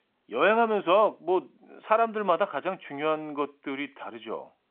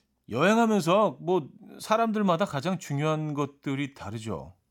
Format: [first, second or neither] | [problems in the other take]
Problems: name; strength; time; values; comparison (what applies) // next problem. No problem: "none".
second | phone-call audio; nothing above 3.5 kHz